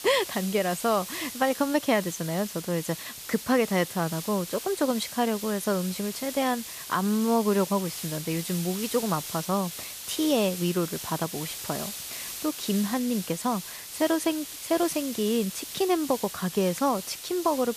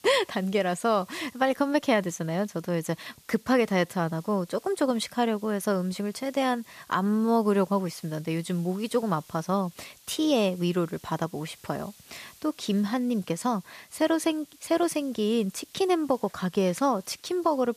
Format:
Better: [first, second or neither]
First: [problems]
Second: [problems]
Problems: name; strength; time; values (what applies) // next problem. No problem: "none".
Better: second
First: hiss; loud; throughout; 8 dB below the speech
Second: hiss; faint; throughout; 25 dB below the speech